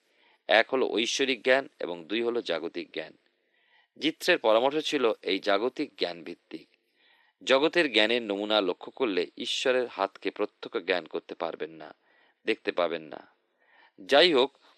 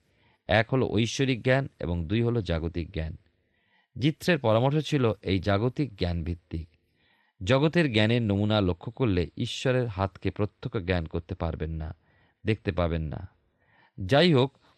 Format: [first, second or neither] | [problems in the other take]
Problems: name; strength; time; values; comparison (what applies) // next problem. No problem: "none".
second | thin; somewhat; fading below 300 Hz